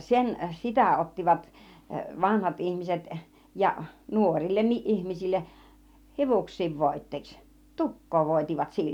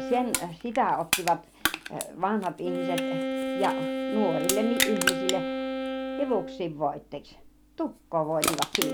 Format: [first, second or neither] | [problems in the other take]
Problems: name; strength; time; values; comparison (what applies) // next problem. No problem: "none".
first | background sound (Crushing + Wind instrument, woodwind instrument); 1 dB below the speech